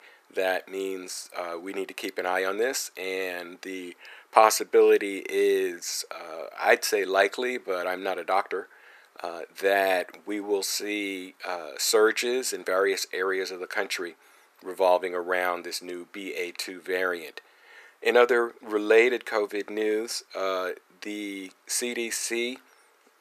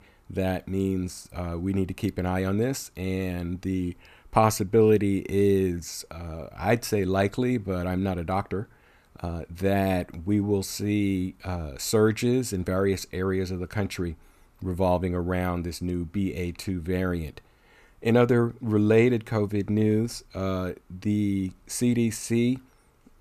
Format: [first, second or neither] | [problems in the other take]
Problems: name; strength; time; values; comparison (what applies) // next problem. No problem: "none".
second | thin; very; fading below 400 Hz